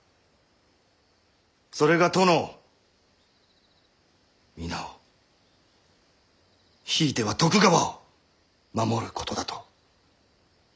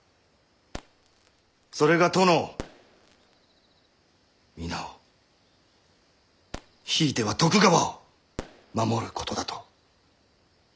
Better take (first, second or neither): first